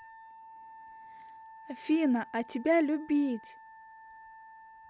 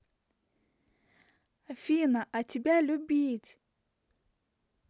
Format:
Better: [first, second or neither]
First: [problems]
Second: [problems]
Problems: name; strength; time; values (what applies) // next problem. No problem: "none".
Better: second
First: background sound (Wind instrument, woodwind instrument); 18 dB below the speech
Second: none